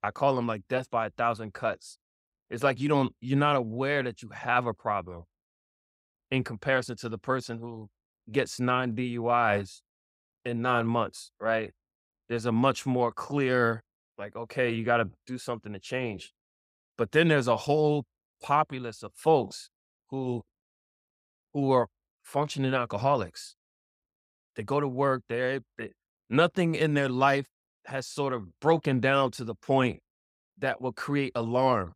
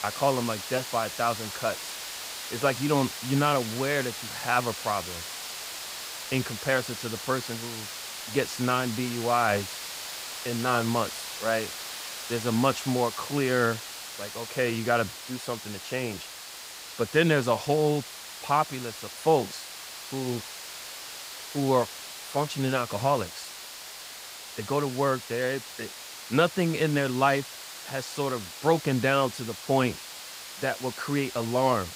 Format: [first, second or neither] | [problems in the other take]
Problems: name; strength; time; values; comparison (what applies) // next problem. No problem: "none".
first | hiss; loud; throughout; 9 dB below the speech